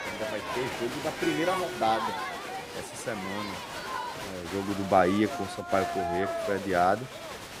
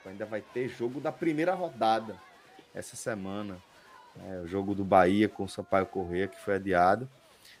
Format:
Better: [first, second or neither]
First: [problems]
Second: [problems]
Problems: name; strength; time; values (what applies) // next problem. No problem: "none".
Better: second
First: crowd noise; loud; throughout; 5 dB below the speech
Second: crowd noise; faint; throughout; 25 dB below the speech